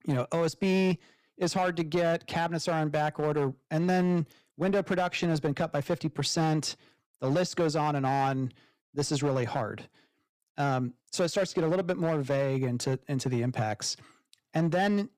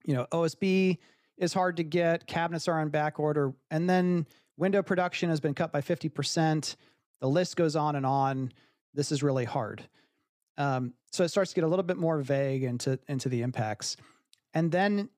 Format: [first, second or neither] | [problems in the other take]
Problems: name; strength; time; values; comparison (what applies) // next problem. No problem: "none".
second | distortion; slight; 7% of the sound clipped